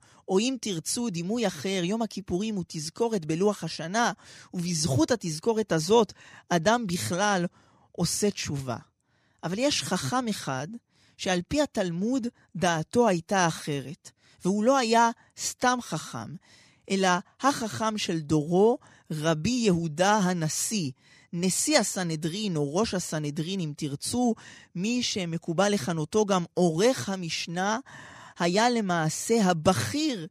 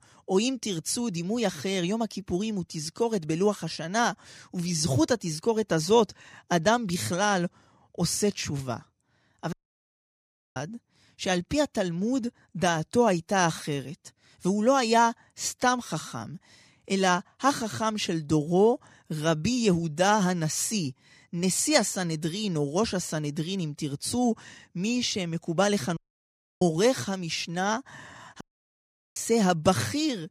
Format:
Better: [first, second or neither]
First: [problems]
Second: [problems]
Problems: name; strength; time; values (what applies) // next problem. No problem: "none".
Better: first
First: none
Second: audio cutting out; at 9.5 s for 1 s, at 26 s for 0.5 s and at 28 s for 1 s